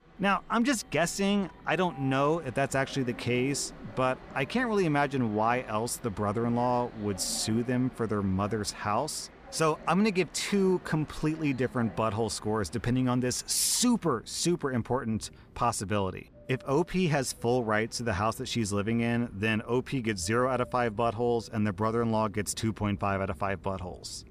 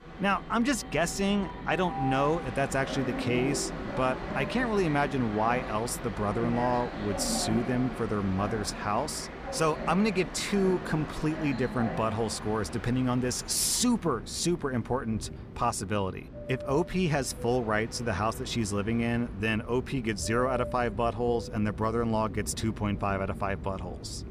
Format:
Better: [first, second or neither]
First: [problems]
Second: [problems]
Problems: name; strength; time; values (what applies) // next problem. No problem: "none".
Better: first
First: train or aircraft noise; faint; throughout; 20 dB below the speech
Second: train or aircraft noise; loud; throughout; 9 dB below the speech